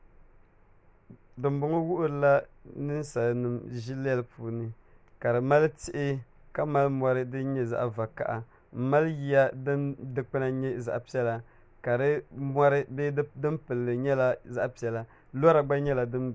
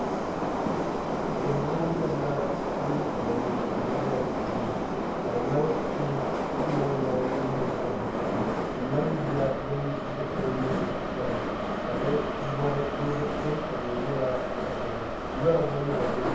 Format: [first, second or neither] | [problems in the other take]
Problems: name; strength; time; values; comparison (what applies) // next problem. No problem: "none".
first | background sound (Subway, metro, underground); 2 dB above the speech // room echo; dies away in 0.8 s